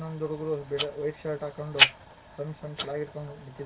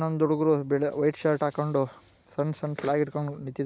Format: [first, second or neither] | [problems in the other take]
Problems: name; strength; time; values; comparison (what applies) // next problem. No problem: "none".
second | background sound (Tick-tock); 2 dB above the speech // room echo; dies away in 0.1 s